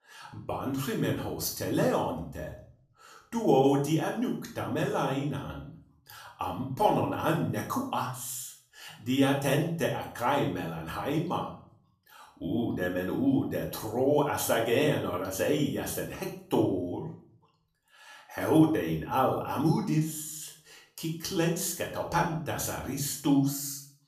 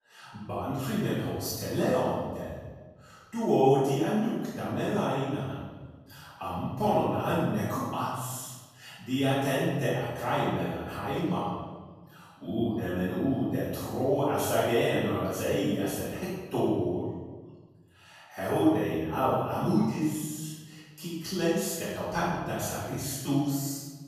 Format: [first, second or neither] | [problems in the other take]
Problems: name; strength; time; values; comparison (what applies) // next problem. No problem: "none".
first | room echo; strong; dies away in 1.2 s; slight in the first // off-mic speech; far; far in the first